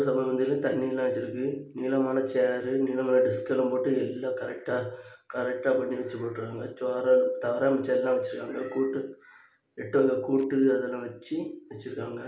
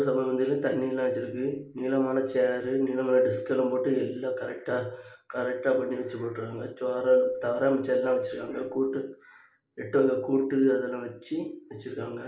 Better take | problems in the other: first | noise reduction (neural mask model Resemble Enhance denoiser)

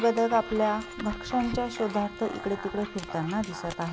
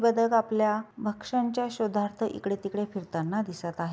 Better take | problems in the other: second | background sound (Dog + Bowed string instrument); 10 dB below the speech

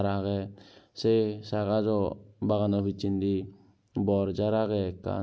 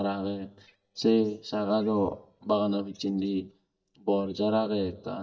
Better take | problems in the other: first | noise reduction (neural mask model DeepFilterNet 3)

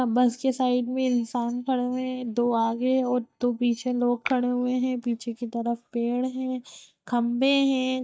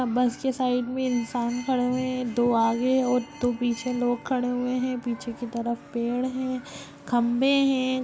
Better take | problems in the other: second | noise reduction (neural mask model DeepFilterNet 3)

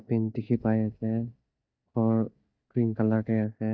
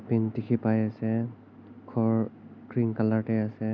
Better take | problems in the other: second | noise reduction (neural mask model DeepFilterNet 3)

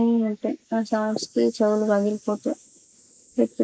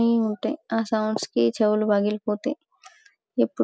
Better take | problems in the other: second | noise reduction (neural mask model Resemble Enhance denoiser)

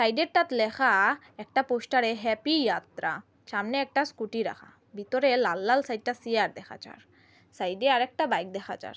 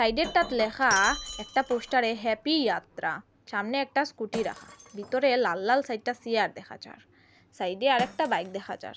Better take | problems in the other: first | background sound (Shatter); 15 dB below the speech

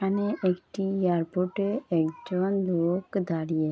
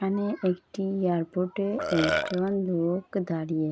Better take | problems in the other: first | background sound (Burping, eructation); 2 dB below the speech

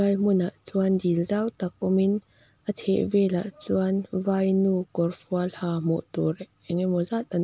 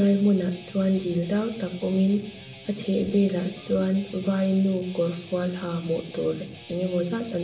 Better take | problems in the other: first | background sound (Guitar); 18 dB below the speech // room echo; dies away in 0.6 s

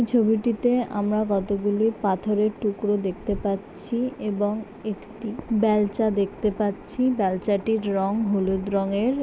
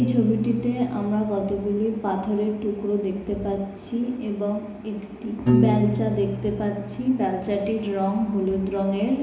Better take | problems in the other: first | background sound (Piano); 6 dB below the speech // room echo; dies away in 1 s

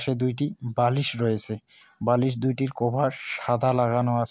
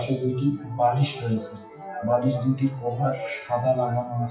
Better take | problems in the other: first | noise reduction (classical method WPE with log-MMSE)

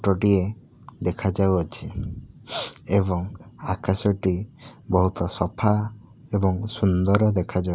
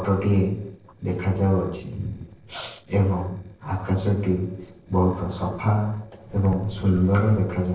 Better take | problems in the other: first | noise reduction (neural separator model SepFormer DNS4)

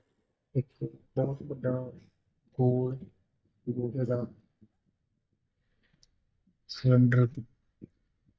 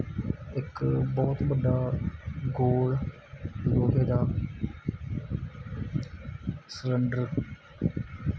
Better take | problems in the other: second | noise reduction (neural mask model DeepFilterNet 3)

